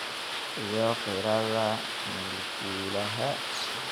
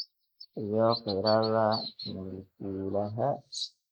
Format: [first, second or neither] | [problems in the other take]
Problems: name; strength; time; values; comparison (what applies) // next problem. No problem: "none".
first | noise reduction (neural mask model Resemble Enhance denoiser)